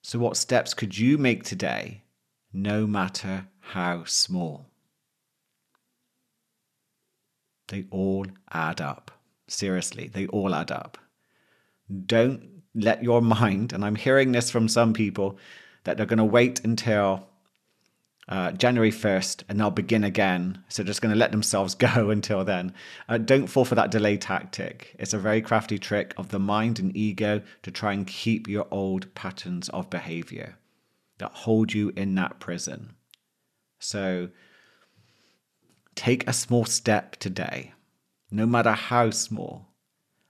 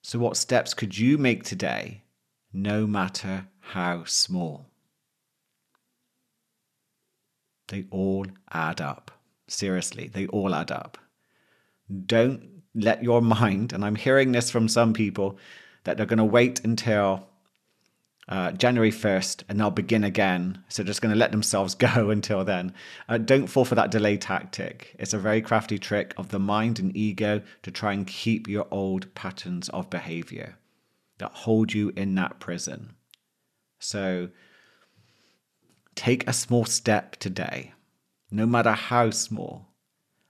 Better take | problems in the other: neither | none

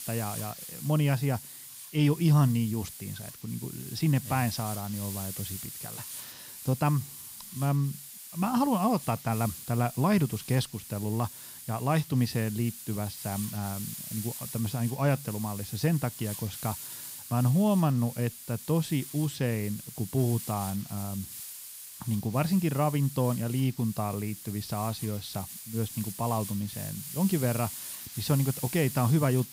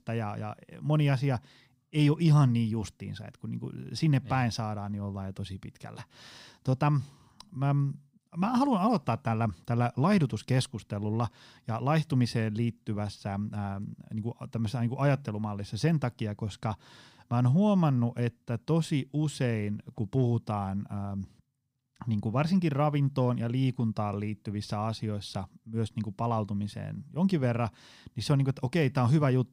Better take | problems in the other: second | hiss; loud; throughout; 10 dB below the speech

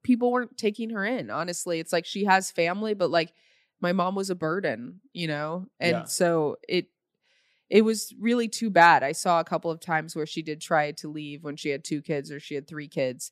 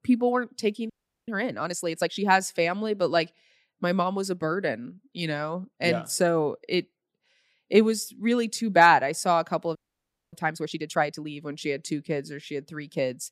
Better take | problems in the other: first | audio freezing; at 1 s and at 10 s for 0.5 s

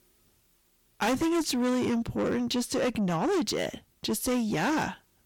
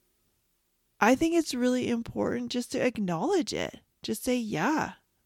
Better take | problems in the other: second | distortion; heavy; 6 dB below the speech

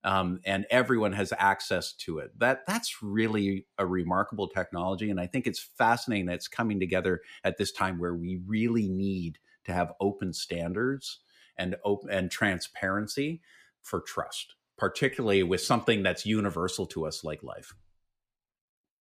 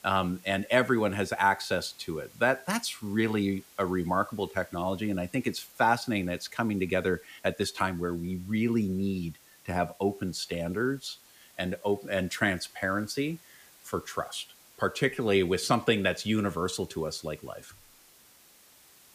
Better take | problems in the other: first | hiss; faint; throughout; 25 dB below the speech

